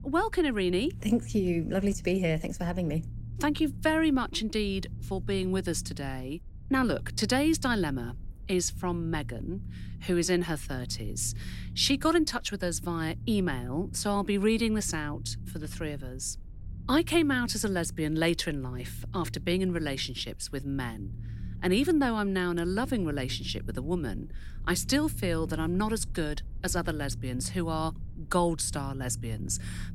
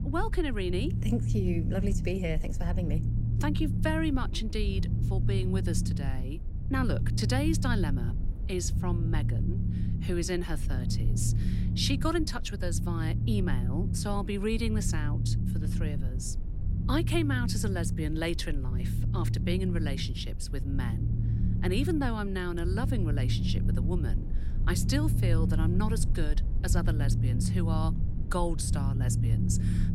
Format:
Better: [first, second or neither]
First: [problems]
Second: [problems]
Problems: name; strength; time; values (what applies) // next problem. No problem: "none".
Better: first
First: low rumble; faint; throughout; 25 dB below the speech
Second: low rumble; loud; throughout; 7 dB below the speech